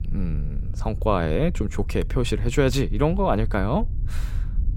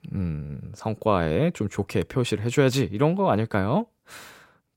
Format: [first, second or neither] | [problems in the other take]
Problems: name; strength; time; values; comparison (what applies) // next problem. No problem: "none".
second | low rumble; faint; throughout; 25 dB below the speech